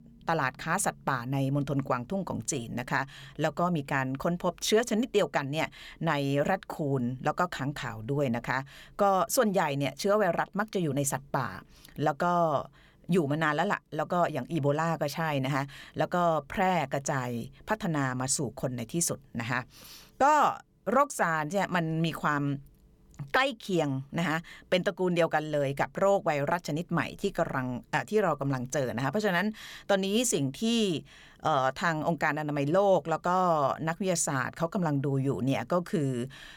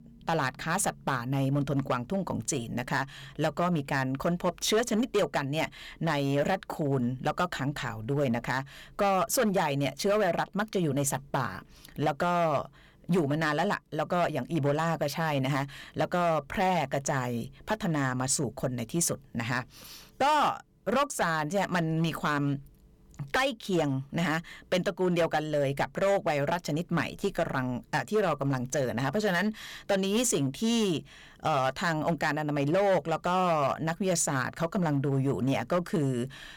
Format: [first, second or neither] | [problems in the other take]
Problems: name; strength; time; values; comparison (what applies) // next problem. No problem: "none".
first | distortion; slight; 6% of the sound clipped